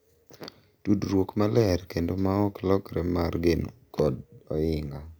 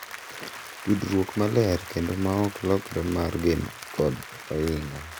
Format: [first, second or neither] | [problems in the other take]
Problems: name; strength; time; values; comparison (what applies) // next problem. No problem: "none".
first | background sound (Applause); 14 dB below the speech